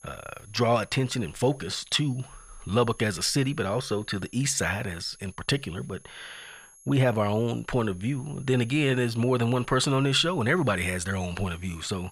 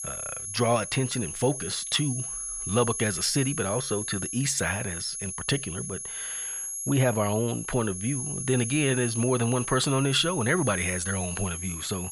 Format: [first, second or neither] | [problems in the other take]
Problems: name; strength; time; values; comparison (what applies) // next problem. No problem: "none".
first | high-pitched whine; loud; throughout; 11 kHz, 5 dB below the speech; faint in the first